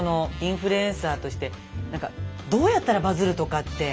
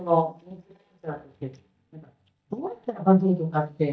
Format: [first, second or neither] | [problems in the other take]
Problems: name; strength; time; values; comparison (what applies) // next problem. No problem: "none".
first | noise reduction (neural mask model DeepFilterNet 3)